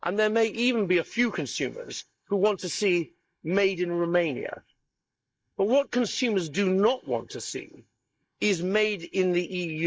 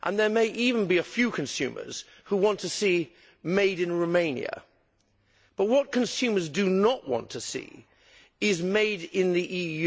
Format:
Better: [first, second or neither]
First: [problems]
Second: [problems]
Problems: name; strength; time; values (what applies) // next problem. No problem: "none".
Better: second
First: noise reduction (neural mask model Resemble Enhance denoiser)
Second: none